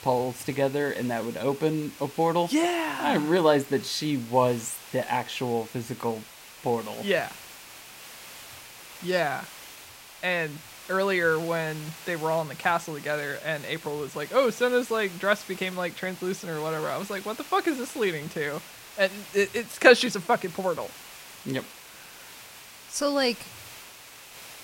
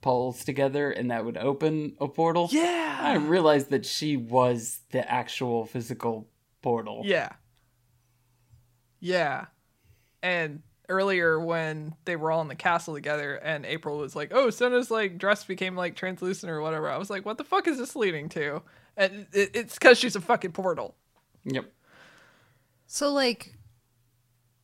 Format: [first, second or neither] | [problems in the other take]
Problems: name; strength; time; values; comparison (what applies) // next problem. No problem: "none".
second | hiss; noticeable; throughout; 15 dB below the speech